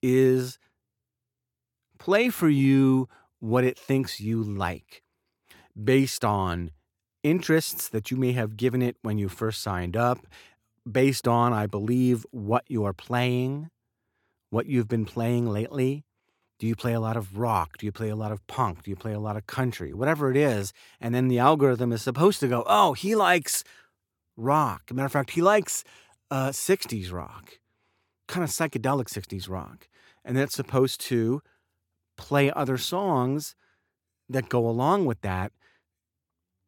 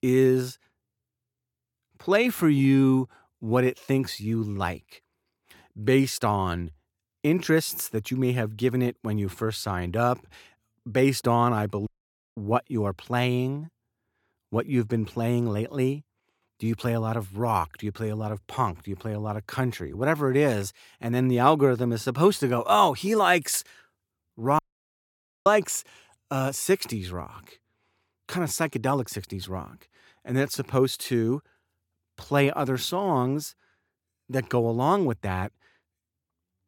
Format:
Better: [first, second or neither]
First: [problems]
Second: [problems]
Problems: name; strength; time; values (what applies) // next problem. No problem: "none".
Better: first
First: none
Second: audio cutting out; at 12 s for 0.5 s and at 25 s for 1 s